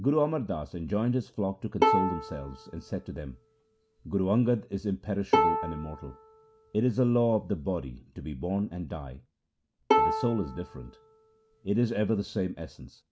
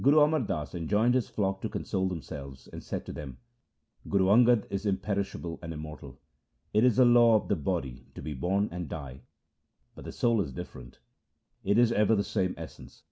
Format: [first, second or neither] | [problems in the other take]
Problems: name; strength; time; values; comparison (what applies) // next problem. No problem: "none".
second | background sound (Bowed string instrument); as loud as the speech